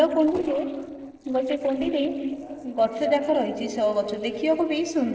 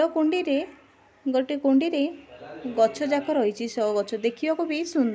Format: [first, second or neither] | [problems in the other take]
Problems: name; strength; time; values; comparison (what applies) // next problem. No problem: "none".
second | noise reduction (neural separator model SepFormer DNS4)